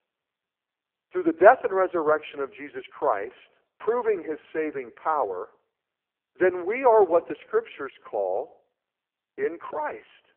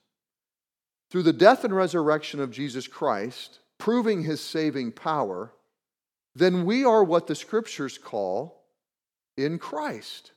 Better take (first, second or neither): second